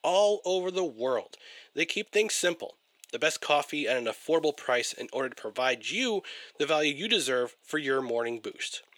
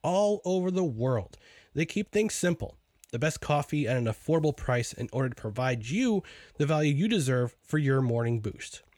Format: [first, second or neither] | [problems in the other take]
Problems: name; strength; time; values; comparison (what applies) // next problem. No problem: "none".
second | thin; somewhat; fading below 350 Hz